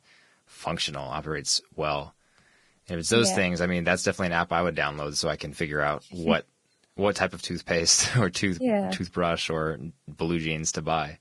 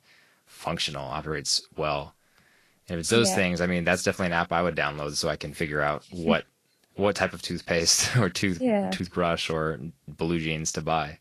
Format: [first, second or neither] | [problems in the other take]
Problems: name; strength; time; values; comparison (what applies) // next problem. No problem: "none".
second | garbled, watery; badly; nothing above 10.5 kHz; slightly in the second